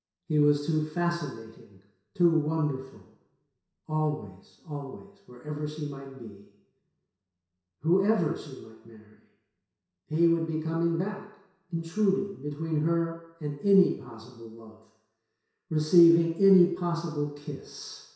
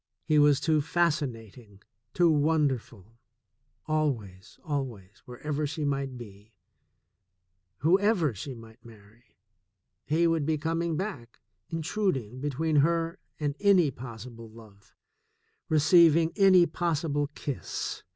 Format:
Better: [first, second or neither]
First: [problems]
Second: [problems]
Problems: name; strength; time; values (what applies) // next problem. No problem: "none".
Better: second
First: room echo; dies away in 0.7 s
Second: none